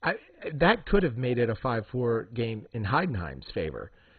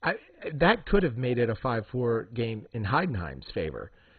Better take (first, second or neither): neither